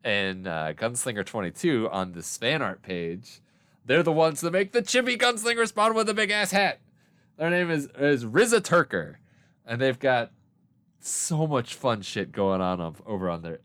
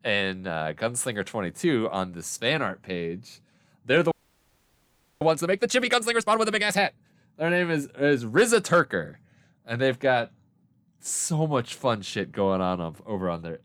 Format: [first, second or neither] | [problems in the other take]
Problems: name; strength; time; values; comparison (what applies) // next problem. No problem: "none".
first | audio freezing; at 4 s for 1 s